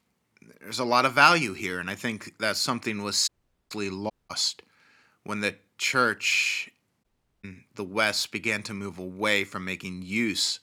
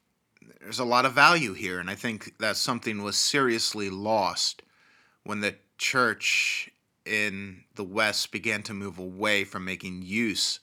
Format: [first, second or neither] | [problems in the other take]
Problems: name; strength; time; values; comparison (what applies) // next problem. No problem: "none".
second | audio cutting out; at 3.5 s, at 4 s and at 7 s